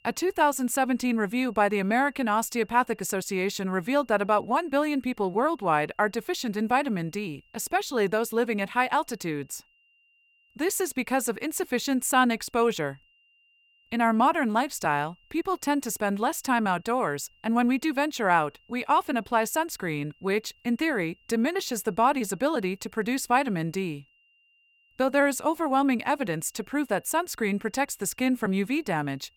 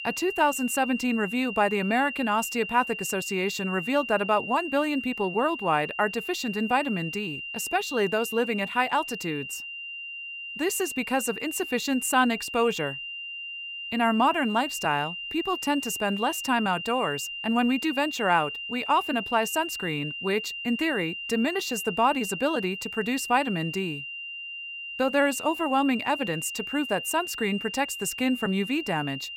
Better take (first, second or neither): first